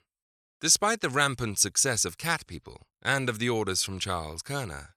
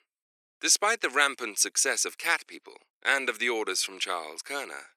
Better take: first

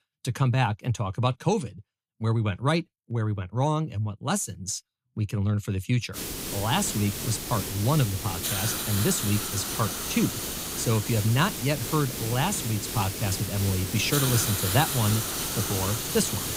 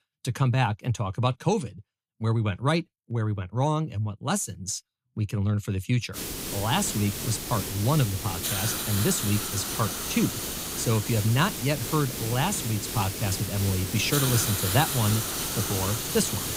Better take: neither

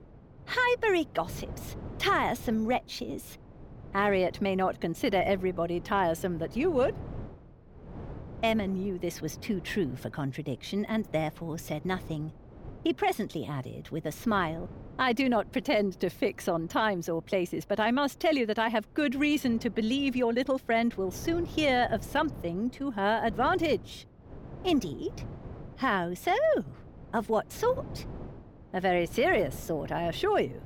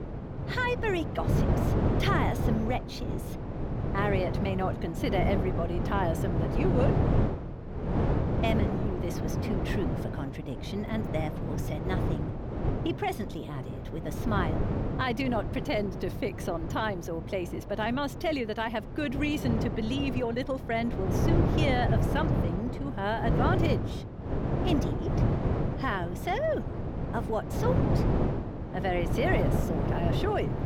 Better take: first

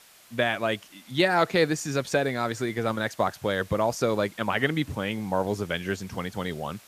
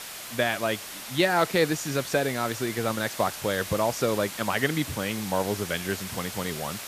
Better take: first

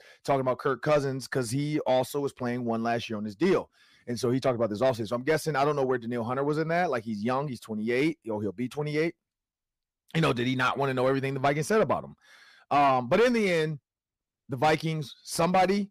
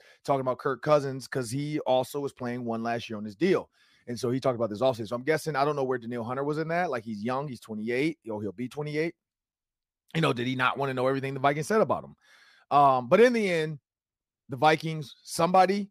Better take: second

